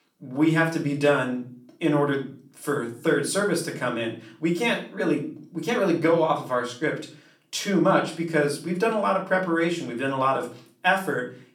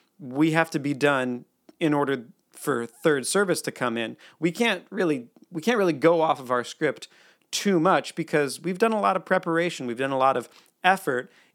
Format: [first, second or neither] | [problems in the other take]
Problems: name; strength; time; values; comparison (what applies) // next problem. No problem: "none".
second | room echo; slight; dies away in 0.4 s // off-mic speech; far